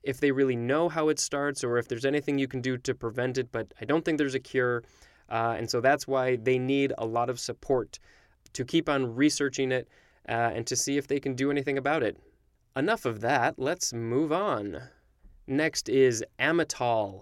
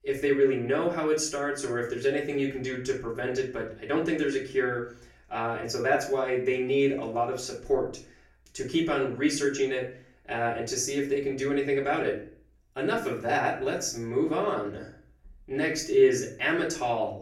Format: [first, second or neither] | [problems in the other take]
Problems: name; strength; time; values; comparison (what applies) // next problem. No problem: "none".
first | off-mic speech; far // room echo; slight; dies away in 0.4 s